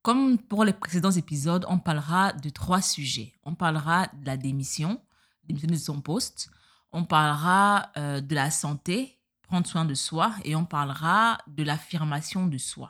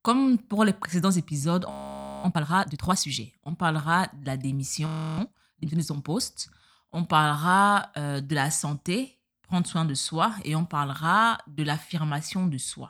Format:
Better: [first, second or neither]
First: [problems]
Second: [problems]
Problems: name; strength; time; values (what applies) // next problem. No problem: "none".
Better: first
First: none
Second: audio freezing; at 1.5 s for 0.5 s and at 5 s